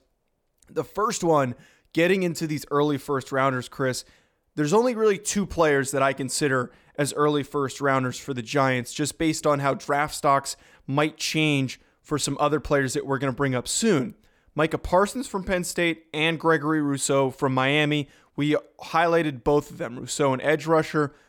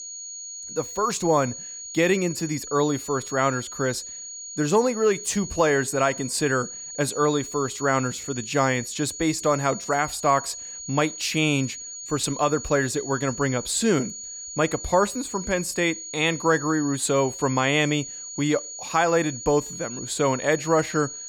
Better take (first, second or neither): first